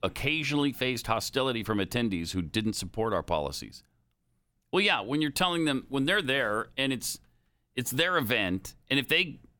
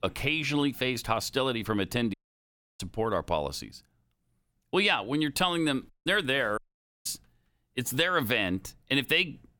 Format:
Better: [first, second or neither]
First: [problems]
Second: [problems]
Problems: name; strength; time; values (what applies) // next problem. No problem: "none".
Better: first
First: none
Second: audio cutting out; at 2 s for 0.5 s, at 6 s and at 6.5 s